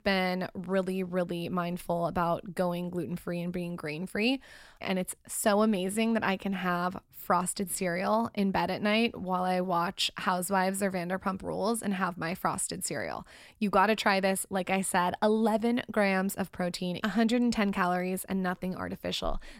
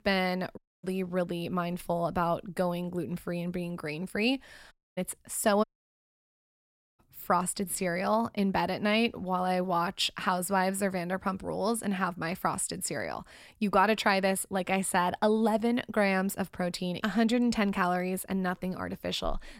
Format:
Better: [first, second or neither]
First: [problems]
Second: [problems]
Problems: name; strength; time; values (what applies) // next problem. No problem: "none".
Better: first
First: none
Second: audio cutting out; at 0.5 s, at 4.5 s and at 5.5 s for 1.5 s